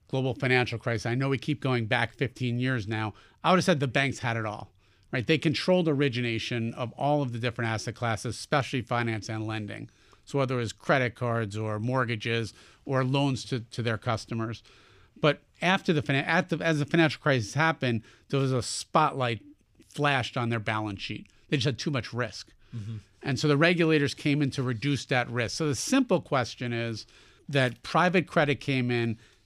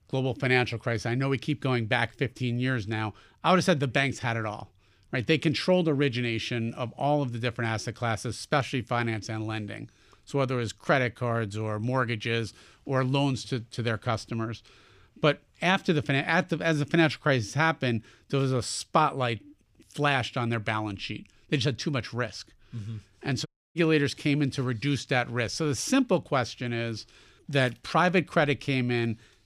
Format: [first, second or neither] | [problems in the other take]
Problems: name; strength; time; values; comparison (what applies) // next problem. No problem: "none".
first | audio cutting out; at 23 s